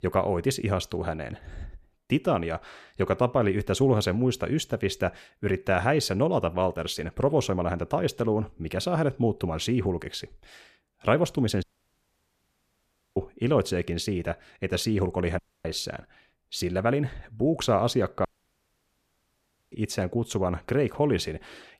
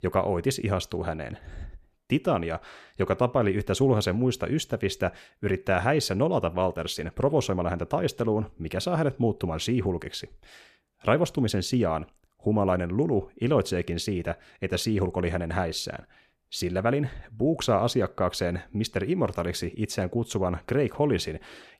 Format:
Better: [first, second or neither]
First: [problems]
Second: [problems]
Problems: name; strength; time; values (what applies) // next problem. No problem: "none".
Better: second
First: audio cutting out; at 12 s for 1.5 s, at 15 s and at 18 s for 1.5 s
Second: none